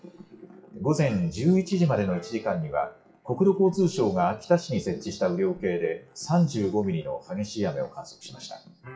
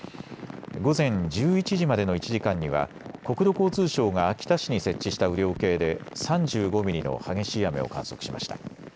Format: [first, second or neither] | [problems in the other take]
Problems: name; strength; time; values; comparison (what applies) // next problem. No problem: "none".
second | noise reduction (classical method WPE with log-MMSE)